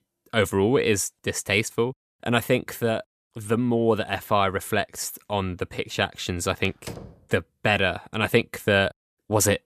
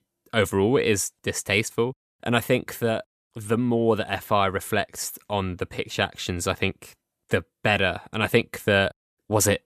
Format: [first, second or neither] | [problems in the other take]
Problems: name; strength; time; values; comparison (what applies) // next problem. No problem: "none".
second | door banging; faint; at 6.5 s; peak 15 dB below the speech